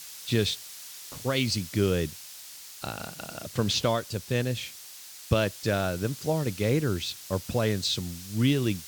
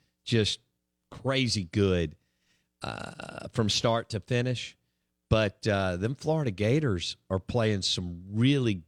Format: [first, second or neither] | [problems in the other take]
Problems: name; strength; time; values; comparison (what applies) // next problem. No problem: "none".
second | hiss; noticeable; throughout; 15 dB below the speech